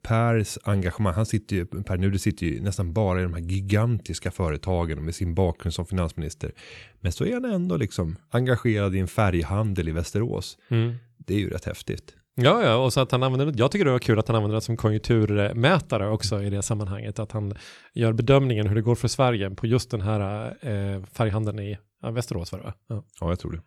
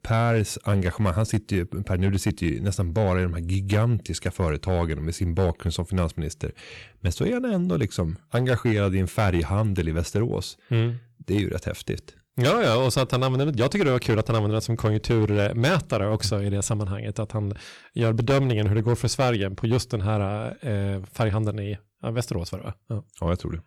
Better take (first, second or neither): first